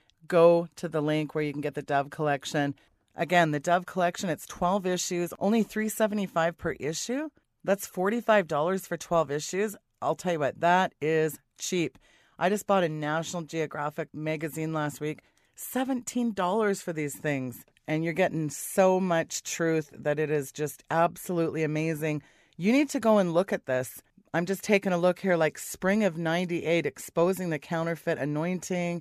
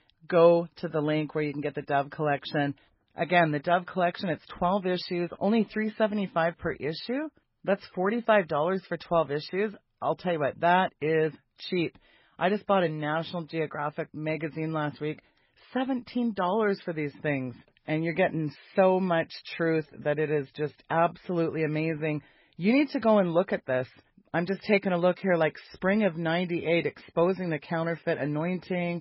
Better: first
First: none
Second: garbled, watery; badly; nothing above 5.5 kHz

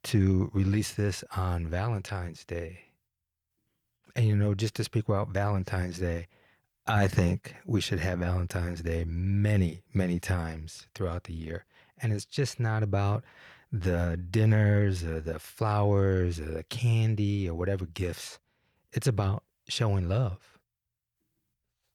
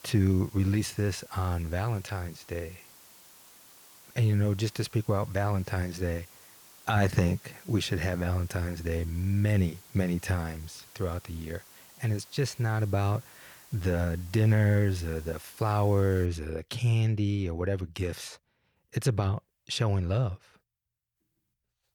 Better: first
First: none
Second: hiss; faint; until 16 s; 20 dB below the speech

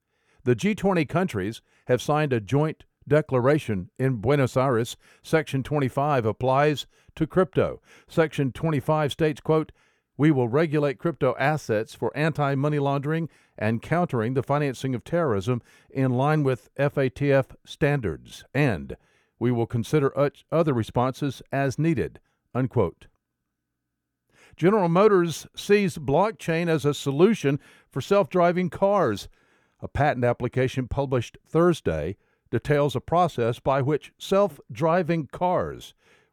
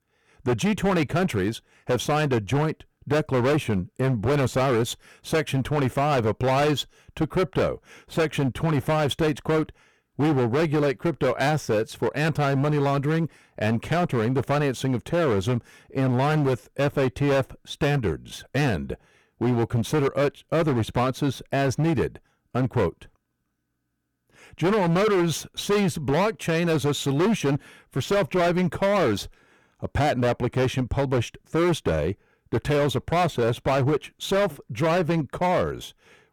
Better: first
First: none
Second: distortion; heavy; 17% of the sound clipped

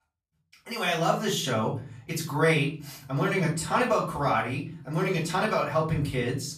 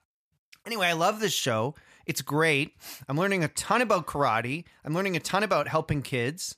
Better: second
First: off-mic speech; far // room echo; slight; dies away in 0.5 s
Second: none

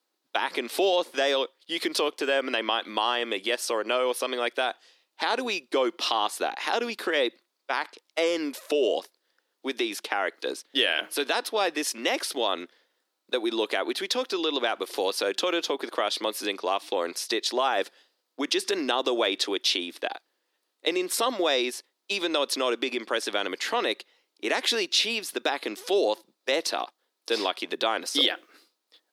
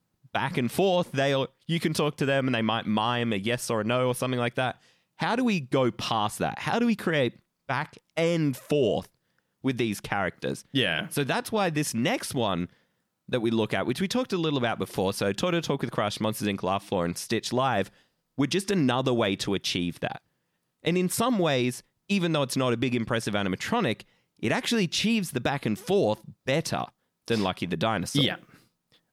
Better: second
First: thin; somewhat; fading below 300 Hz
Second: none

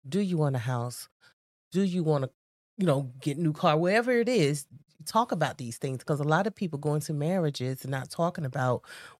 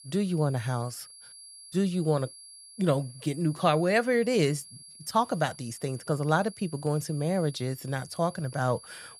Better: first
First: none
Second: high-pitched whine; noticeable; throughout; 10.5 kHz, 20 dB below the speech

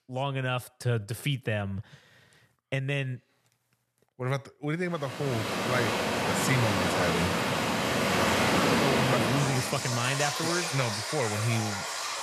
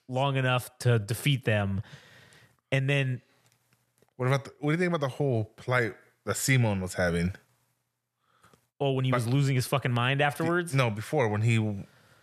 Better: second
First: rain or running water; very loud; from 5.5 s on; 4 dB above the speech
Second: none

